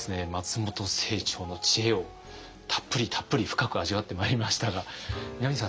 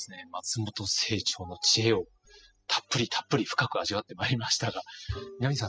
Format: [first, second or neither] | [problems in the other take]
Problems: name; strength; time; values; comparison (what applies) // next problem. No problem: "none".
first | noise reduction (classical method spectral subtraction)